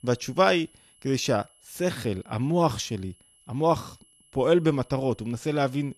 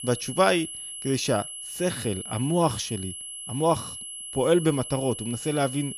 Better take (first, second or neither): first